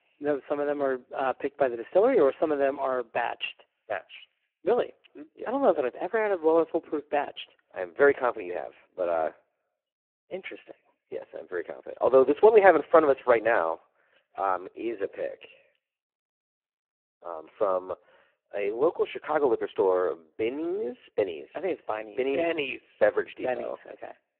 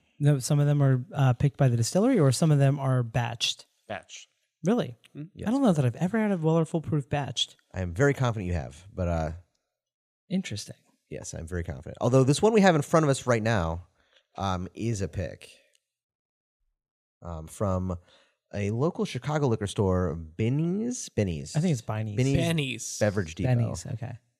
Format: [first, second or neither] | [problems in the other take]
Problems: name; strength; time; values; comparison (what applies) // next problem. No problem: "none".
second | phone-call audio; poor line